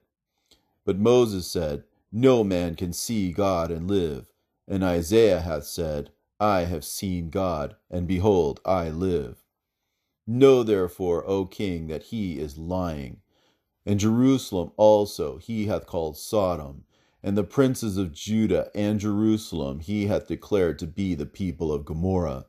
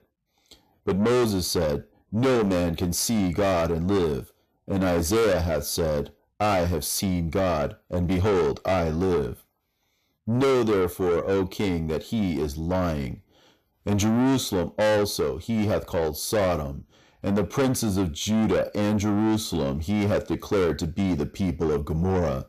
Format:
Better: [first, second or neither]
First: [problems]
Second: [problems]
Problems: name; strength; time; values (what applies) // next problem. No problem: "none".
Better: first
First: none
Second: distortion; heavy; 6 dB below the speech